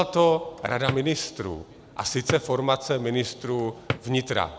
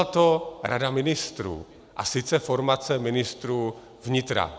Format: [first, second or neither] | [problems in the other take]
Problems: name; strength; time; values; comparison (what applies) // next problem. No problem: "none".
second | background sound (Drawer open or close); 11 dB below the speech